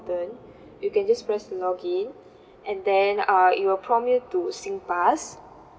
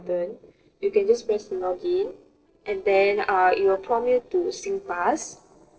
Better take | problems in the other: first | noise reduction (neural separator model SepFormer DNS4)

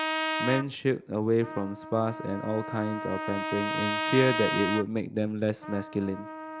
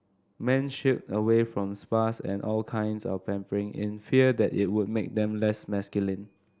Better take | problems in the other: second | background sound (Trumpet); 5 dB below the speech

